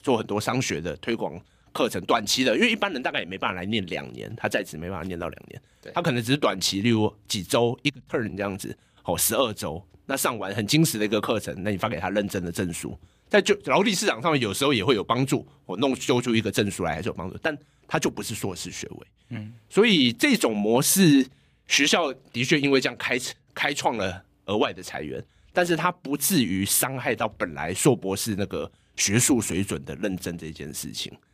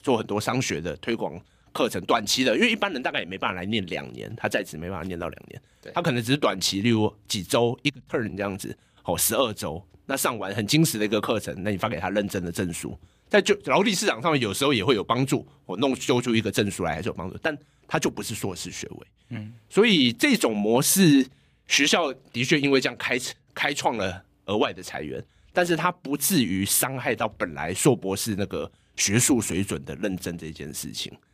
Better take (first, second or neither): neither